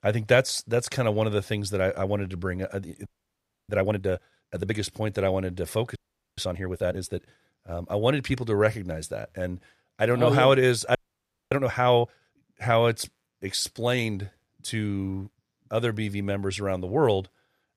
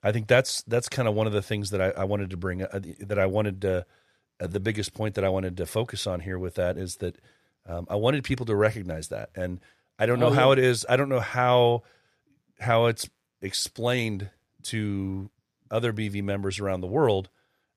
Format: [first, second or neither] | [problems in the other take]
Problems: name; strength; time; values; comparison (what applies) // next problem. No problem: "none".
second | audio freezing; at 3 s for 0.5 s, at 6 s and at 11 s for 0.5 s